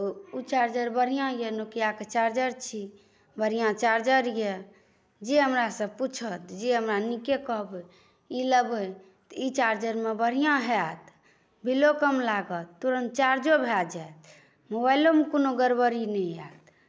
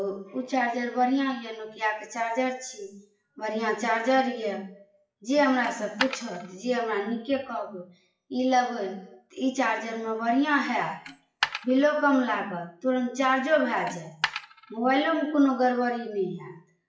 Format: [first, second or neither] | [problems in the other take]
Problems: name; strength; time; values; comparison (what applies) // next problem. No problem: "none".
first | noise reduction (classical method WPE with log-MMSE)